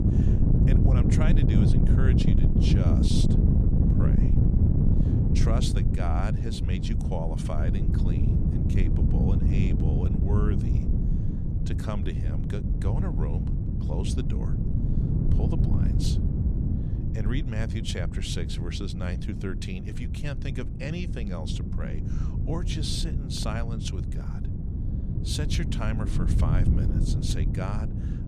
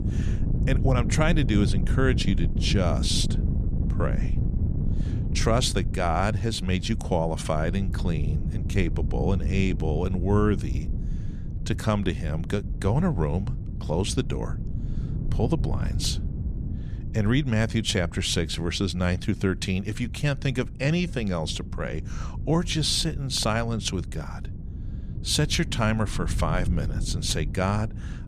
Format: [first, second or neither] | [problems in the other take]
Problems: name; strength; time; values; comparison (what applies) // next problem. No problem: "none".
second | wind noise on the microphone; heavy; as loud as the speech; occasional gusts in the second